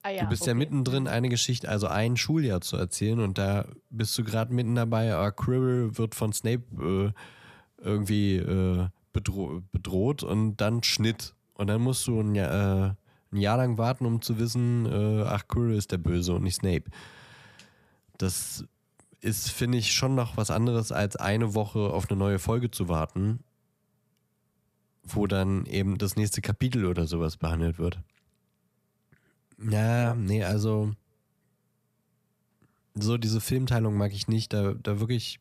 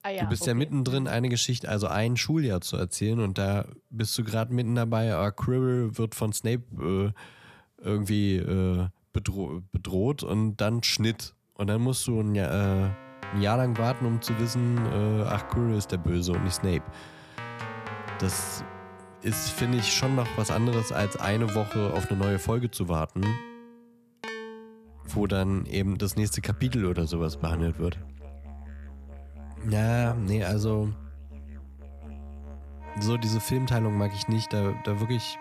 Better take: first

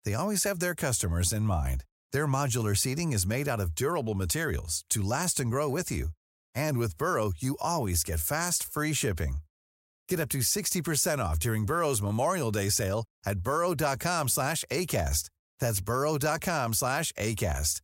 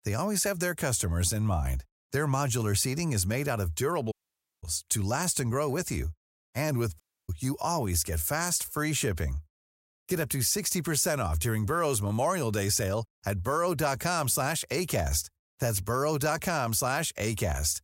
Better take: first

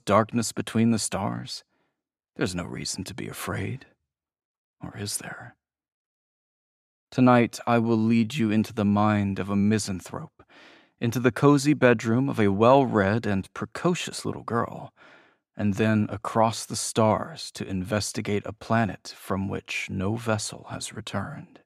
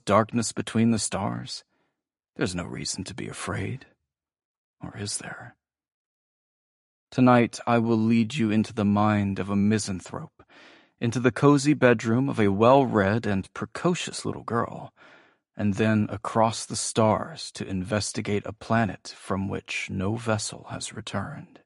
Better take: first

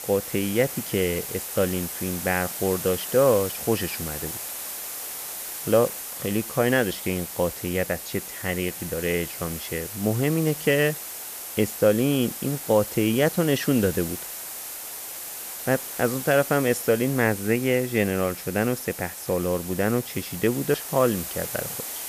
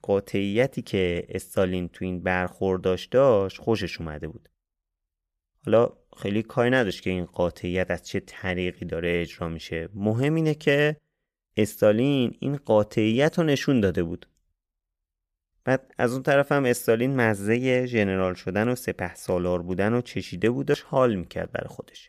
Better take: second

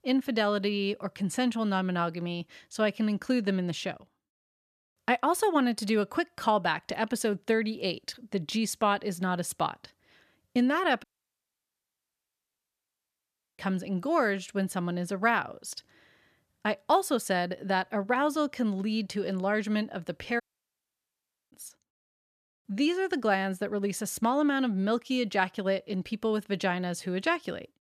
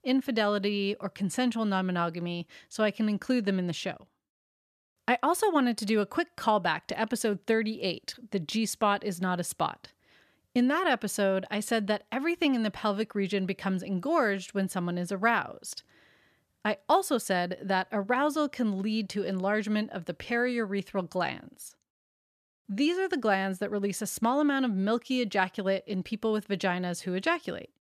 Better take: second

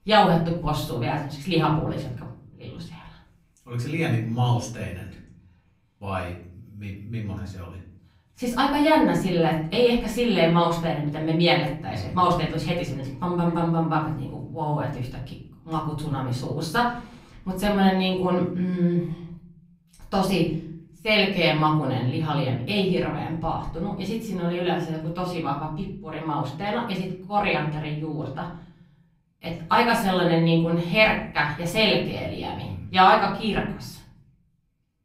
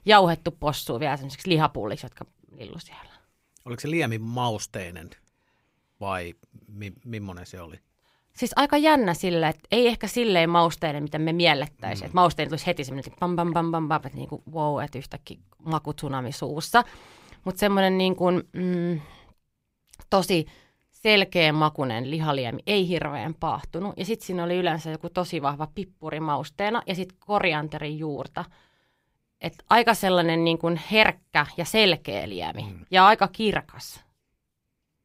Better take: second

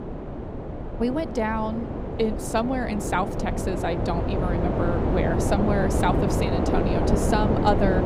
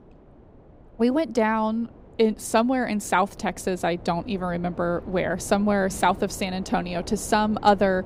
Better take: second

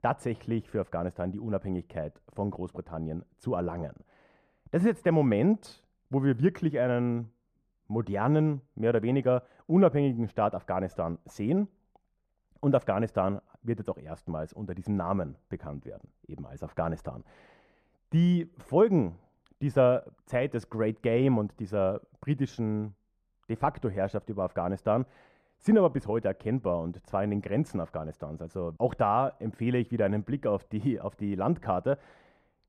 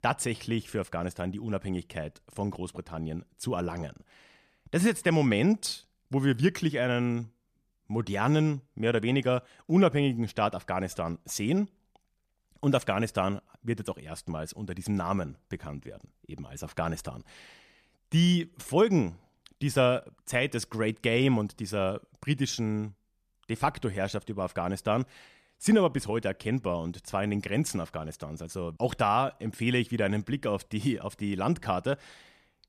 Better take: second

